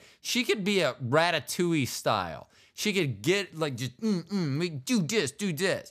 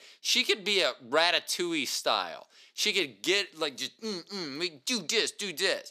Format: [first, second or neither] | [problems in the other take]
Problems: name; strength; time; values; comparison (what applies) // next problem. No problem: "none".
first | thin; somewhat; fading below 300 Hz